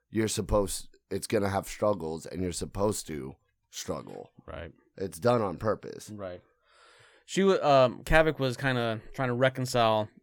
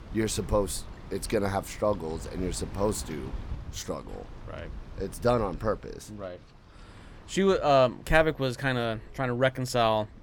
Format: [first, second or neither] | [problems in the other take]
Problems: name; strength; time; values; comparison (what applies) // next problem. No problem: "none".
first | wind noise on the microphone; occasional gusts; 25 dB below the speech